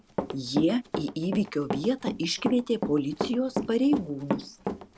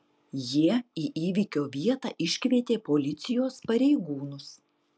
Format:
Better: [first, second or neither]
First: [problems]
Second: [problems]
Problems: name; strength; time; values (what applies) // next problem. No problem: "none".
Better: second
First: background sound (Run); 6 dB below the speech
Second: none